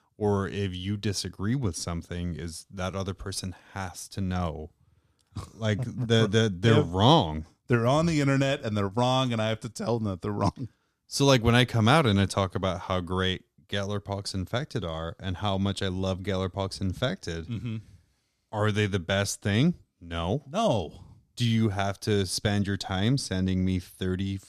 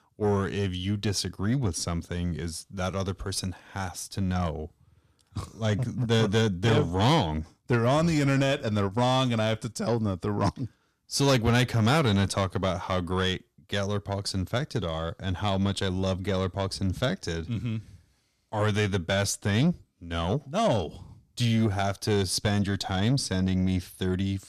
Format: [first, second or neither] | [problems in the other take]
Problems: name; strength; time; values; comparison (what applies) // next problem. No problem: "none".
first | distortion; slight; 10 dB below the speech